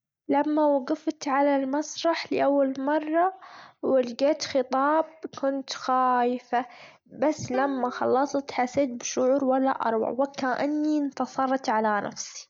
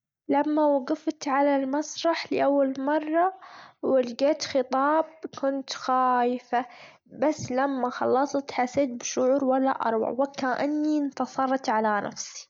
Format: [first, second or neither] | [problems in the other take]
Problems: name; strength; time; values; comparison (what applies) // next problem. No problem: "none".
second | background sound (Plucked string instrument); 20 dB below the speech